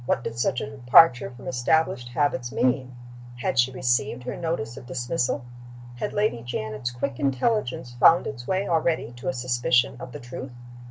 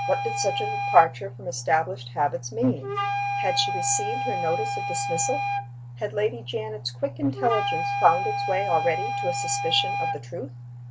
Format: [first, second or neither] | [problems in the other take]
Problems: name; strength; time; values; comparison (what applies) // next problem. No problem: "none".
first | background sound (Wind instrument, woodwind instrument); 3 dB below the speech